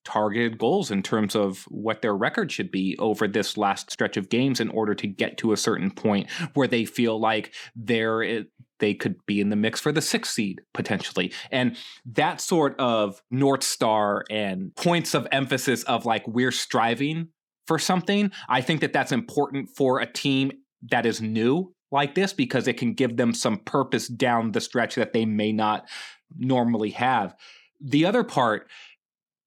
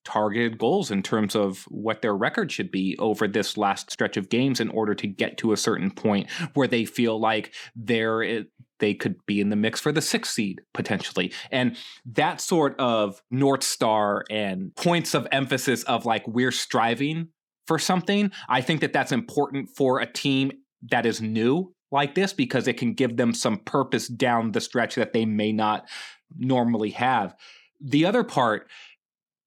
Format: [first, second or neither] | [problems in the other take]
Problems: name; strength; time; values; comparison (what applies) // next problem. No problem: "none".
neither | none